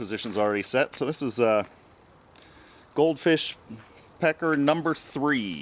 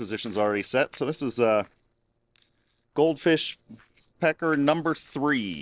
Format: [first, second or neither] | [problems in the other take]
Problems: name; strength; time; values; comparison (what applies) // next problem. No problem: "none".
first | noise reduction (neural separator model SepFormer DNS4)